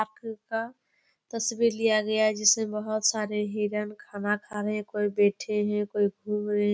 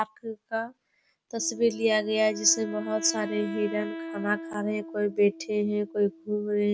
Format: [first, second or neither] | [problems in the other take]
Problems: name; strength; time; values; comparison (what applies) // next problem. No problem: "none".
first | background sound (Wind instrument, woodwind instrument); 12 dB below the speech